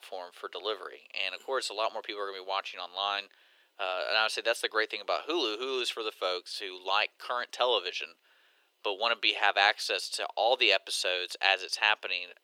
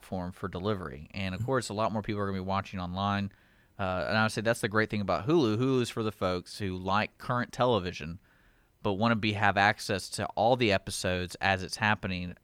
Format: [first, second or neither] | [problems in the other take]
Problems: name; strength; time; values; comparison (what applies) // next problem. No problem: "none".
second | thin; very; fading below 400 Hz